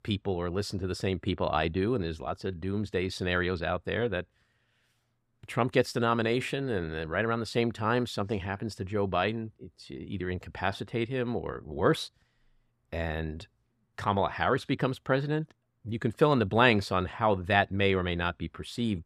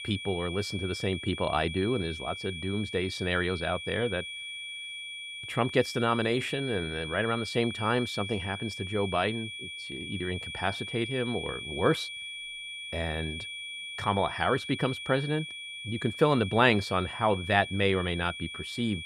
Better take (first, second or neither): first